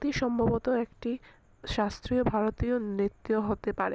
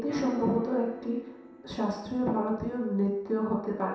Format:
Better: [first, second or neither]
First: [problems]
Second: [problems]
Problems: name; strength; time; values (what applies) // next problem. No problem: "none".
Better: first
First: none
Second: background sound (Piano); 13 dB below the speech // room echo; dies away in 0.7 s